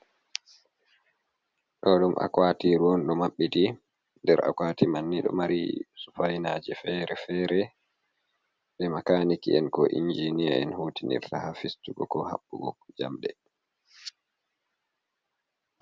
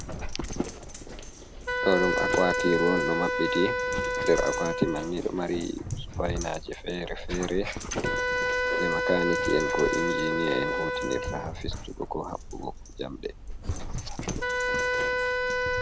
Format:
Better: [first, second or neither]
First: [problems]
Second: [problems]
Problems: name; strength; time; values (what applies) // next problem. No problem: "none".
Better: first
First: none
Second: background sound (Wind instrument, woodwind instrument + Dog); 1 dB above the speech